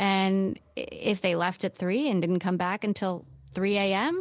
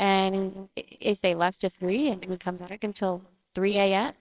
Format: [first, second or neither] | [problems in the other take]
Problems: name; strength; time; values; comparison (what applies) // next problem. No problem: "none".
first | noise reduction (neural separator model SepFormer WHAMR!)